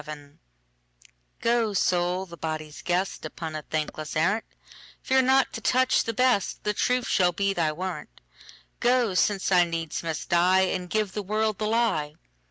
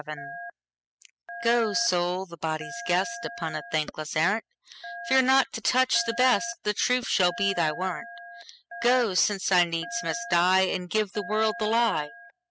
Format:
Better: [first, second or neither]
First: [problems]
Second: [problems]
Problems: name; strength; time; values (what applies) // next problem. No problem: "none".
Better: first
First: none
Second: noise reduction (classical method spectral subtraction)